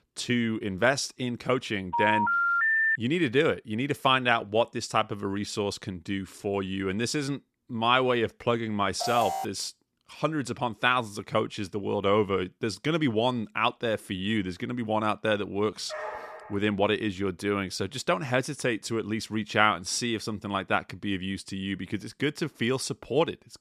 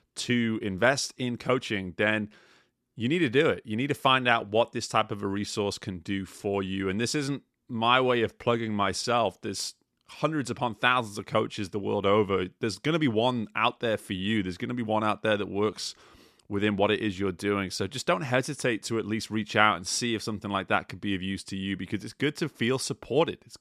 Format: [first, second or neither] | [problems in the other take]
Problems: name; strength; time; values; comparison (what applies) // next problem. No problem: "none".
second | phone ringing; loud; from 2 to 3 s; peak 6 dB above the speech // alarm; noticeable; at 9 s; peak 2 dB below the speech // dog barking; noticeable; at 16 s; peak 8 dB below the speech